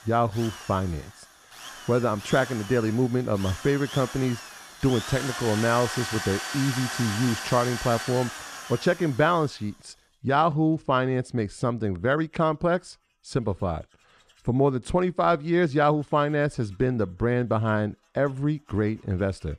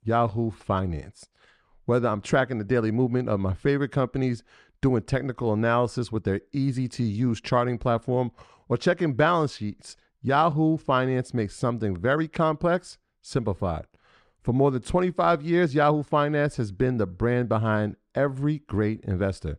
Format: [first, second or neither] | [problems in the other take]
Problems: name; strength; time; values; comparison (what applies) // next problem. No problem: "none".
second | machinery noise; loud; throughout; 9 dB below the speech